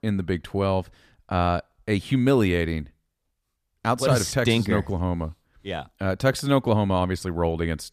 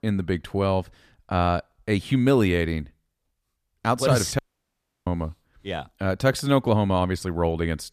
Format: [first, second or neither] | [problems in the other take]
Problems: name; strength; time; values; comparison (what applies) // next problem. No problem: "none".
first | audio cutting out; at 4.5 s for 0.5 s